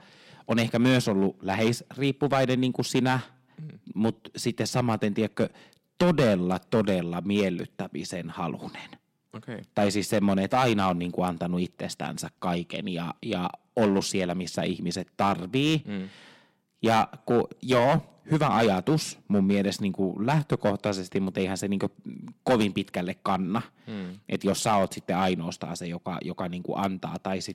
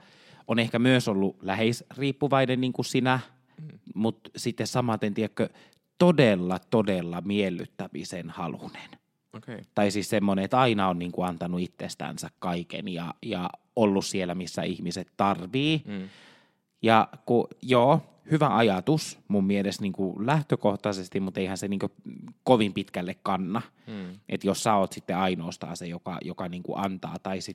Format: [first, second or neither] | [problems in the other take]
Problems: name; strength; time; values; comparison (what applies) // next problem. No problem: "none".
second | distortion; slight; 3% of the sound clipped